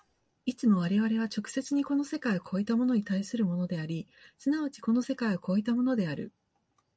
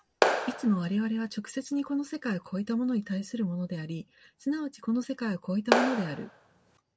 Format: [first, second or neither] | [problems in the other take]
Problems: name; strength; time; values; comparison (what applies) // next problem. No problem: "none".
first | background sound (Clapping); 2 dB above the speech